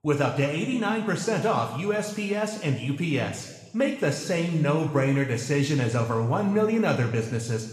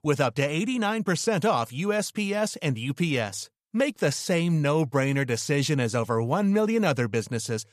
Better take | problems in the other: second | room echo; noticeable; dies away in 1.1 s // off-mic speech; somewhat distant

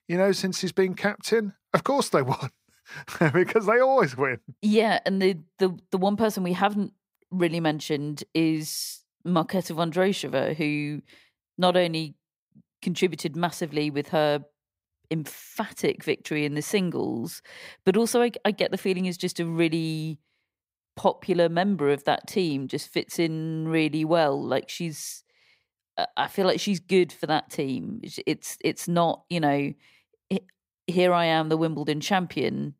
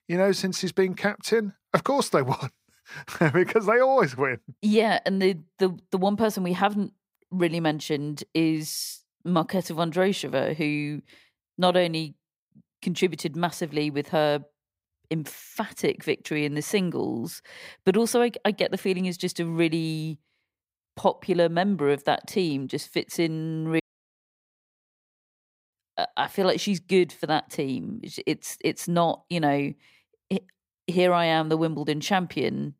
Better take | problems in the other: first | audio cutting out; at 24 s for 2 s

